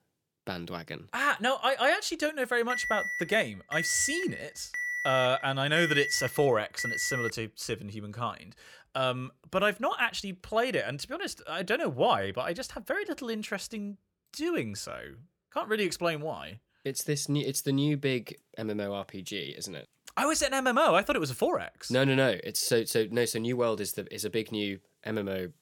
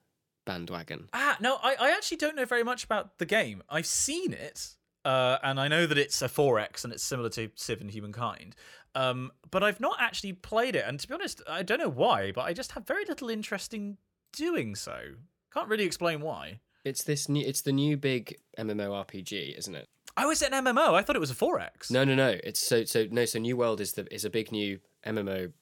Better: second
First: alarm; noticeable; from 2.5 to 7.5 s; peak 1 dB below the speech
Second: none

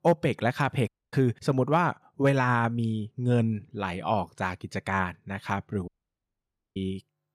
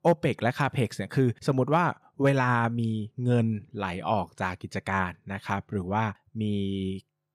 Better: second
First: audio cutting out; at 1 s and at 6 s for 1 s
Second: none

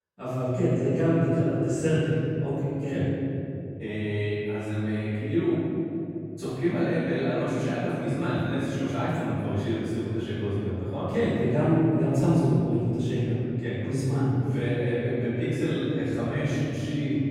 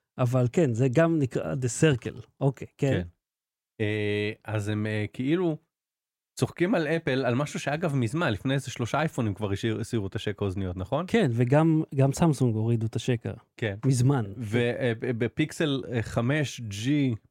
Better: second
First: off-mic speech; far // room echo; strong; dies away in 3 s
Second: none

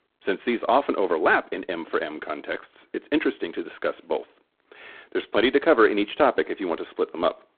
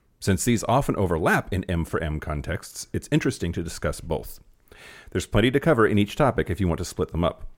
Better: second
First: phone-call audio; poor line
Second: none

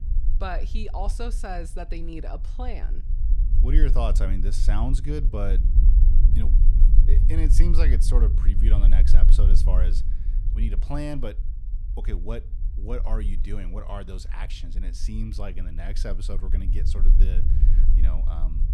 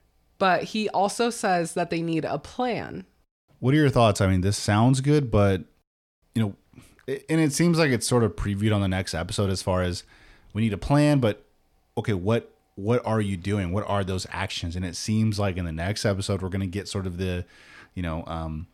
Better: second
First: low rumble; loud; throughout; 8 dB below the speech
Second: none

